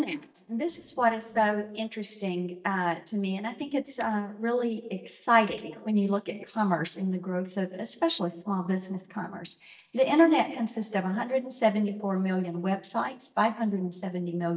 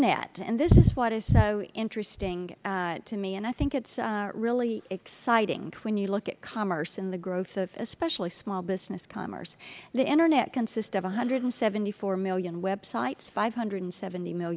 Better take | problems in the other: second | noise reduction (neural mask model DeepFilterNet 3)

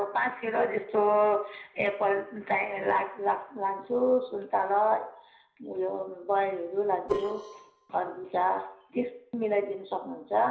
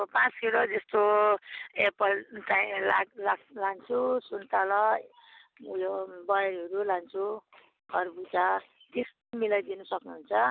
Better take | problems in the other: second | noise reduction (neural separator model SepFormer DNS4)

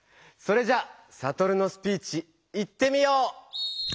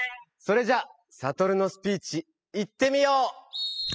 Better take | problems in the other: first | noise reduction (classical method spectral subtraction)

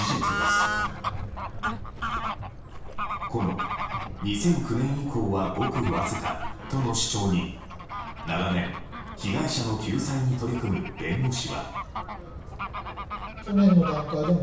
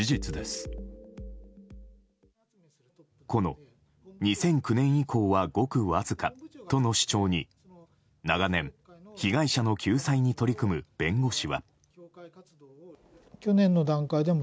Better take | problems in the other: second | background sound (Bird / Fowl); 5 dB below the speech // room echo; dies away in 0.7 s

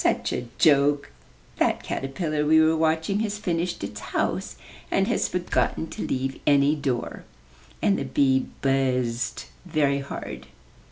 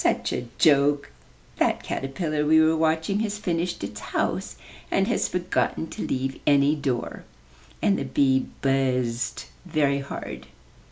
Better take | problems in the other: second | background sound (Tools); 13 dB below the speech

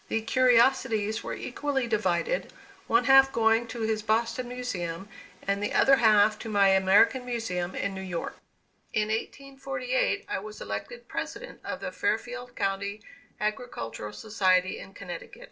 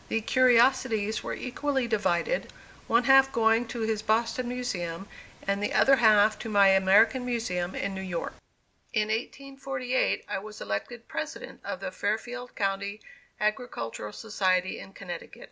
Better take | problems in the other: second | noise reduction (neural separator model SepFormer DNS4)

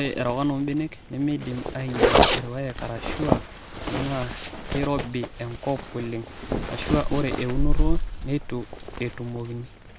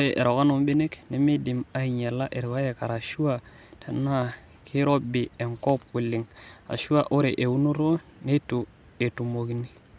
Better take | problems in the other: second | background sound (Zipper (clothing)); 3 dB above the speech

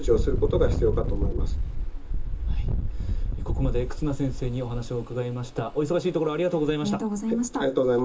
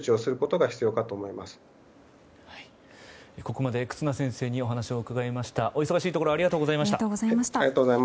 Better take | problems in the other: second | background sound (Engine); 1 dB below the speech // room echo; dies away in 0.2 s

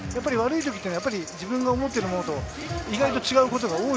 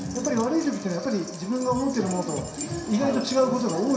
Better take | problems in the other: first | background sound (Keys jangling); 17 dB below the speech // room echo; dies away in 0.7 s

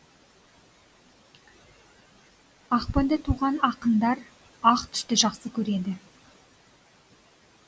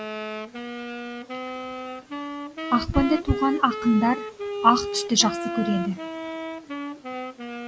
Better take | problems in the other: first | background sound (Wind instrument, woodwind instrument); 6 dB below the speech

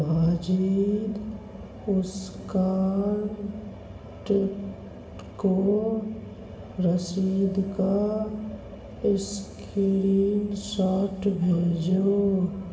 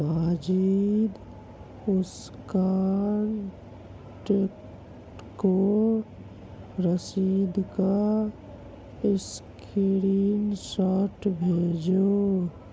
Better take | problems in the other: second | room echo; dies away in 2.5 s

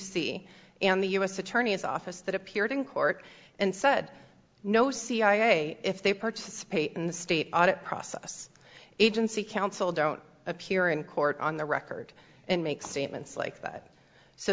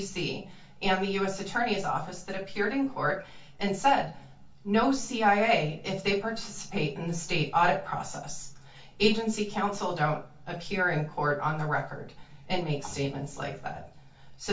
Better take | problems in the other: first | room echo; dies away in 0.2 s

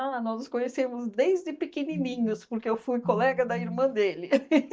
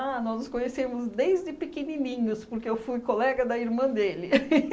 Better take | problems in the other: second | noise reduction (neural mask model DeepFilterNet 3)

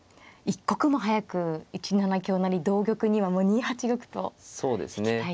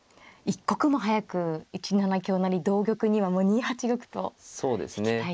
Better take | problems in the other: first | noise reduction (neural mask model Resemble Enhance denoiser)

